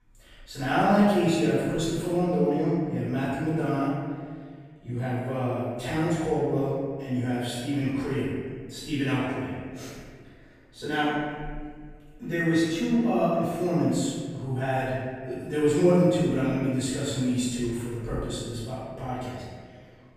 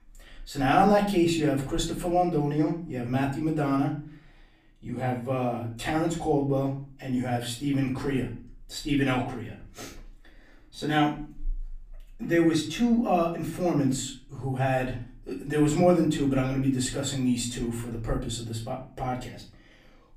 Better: second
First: room echo; strong; dies away in 1.6 s // off-mic speech; far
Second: room echo; slight; dies away in 0.4 s // off-mic speech; far

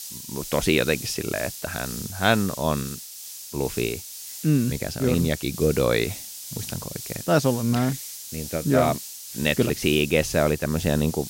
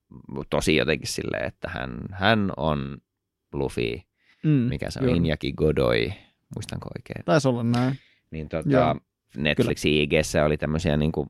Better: second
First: hiss; noticeable; throughout; 10 dB below the speech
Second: none

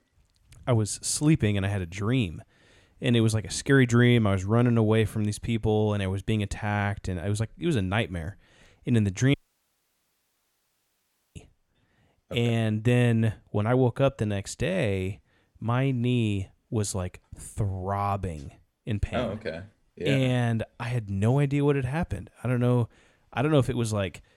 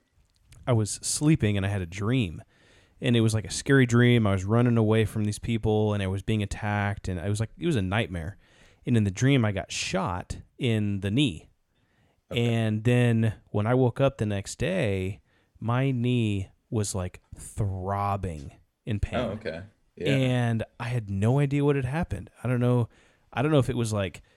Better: second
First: audio cutting out; at 9.5 s for 2 s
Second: none

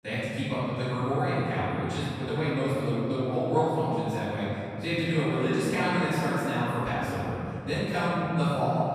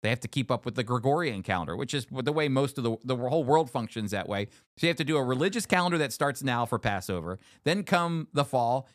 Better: second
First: room echo; strong; dies away in 3 s // off-mic speech; far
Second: none

